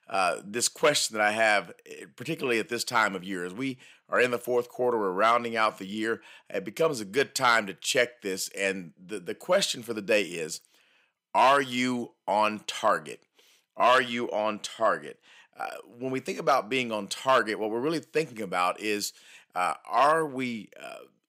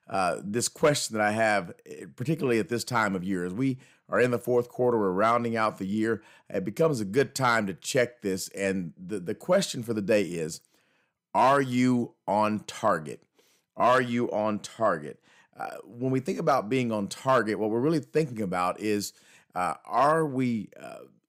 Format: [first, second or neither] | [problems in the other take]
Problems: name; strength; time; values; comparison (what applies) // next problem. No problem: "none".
second | thin; very slightly; fading below 1 kHz